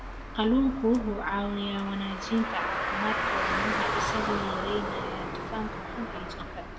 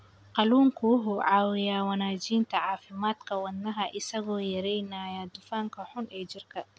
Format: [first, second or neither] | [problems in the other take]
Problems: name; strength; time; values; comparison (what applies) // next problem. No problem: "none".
second | background sound (Car); 1 dB below the speech // room echo; dies away in 0.8 s